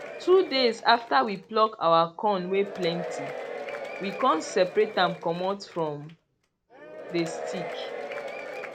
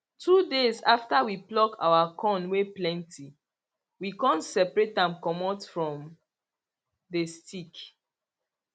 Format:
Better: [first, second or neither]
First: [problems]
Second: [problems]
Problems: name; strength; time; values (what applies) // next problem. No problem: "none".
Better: second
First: background sound (Applause / Crowd / Cheering); 11 dB below the speech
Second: none